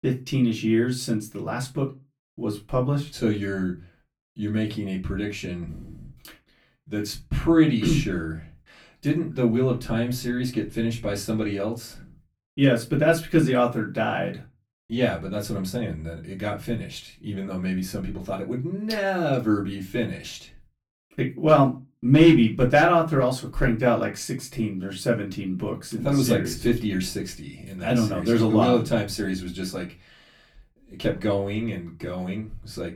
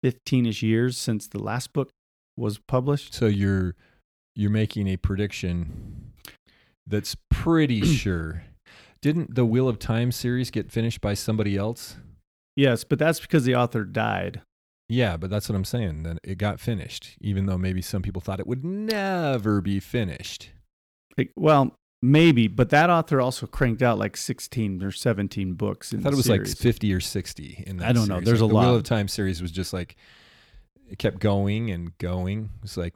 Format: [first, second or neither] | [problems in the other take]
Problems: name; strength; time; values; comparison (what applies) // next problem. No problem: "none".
second | off-mic speech; far // room echo; very slight; dies away in 0.2 s